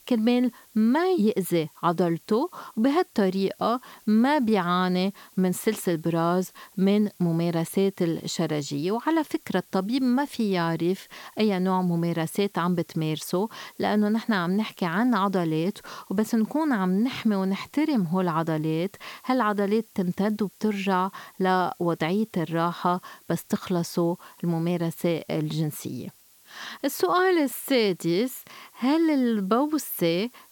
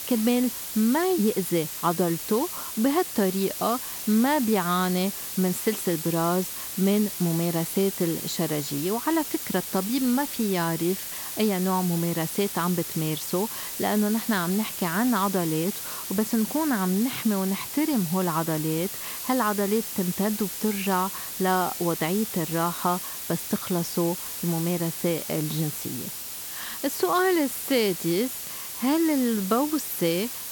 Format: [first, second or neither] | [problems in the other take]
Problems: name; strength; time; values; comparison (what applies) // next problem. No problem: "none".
first | hiss; loud; throughout; 5 dB below the speech; faint in the first